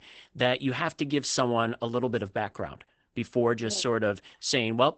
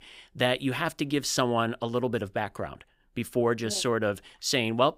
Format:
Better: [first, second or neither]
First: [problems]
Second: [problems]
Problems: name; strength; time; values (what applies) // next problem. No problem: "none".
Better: second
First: garbled, watery; badly; nothing above 8 kHz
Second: none